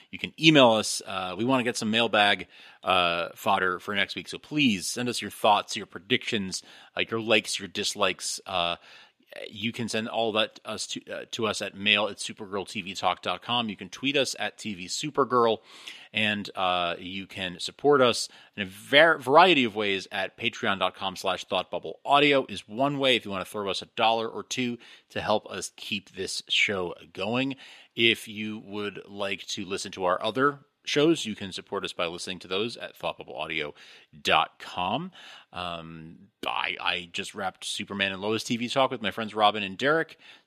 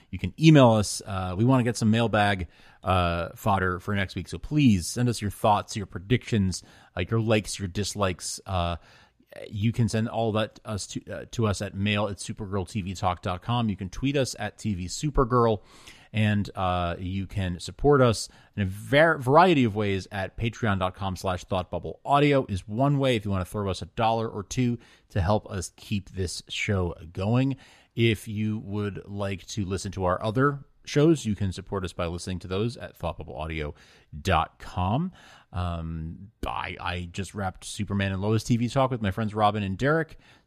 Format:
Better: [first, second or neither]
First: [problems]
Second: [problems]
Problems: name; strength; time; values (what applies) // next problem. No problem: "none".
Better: second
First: thin; somewhat; fading below 300 Hz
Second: none